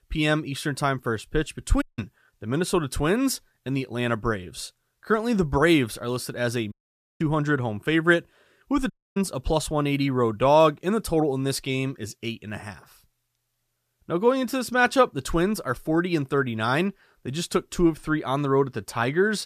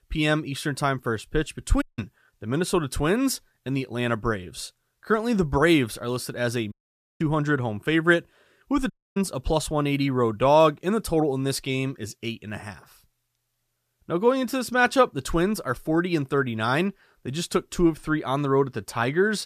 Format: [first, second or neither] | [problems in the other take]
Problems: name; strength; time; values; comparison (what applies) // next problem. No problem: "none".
neither | audio cutting out; at 2 s, at 6.5 s and at 9 s; the same in both